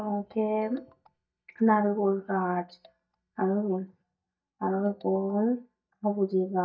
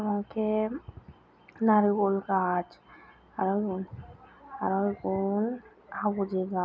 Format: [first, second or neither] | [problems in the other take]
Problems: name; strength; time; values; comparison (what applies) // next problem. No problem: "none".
second | noise reduction (neural mask model DeepFilterNet 3)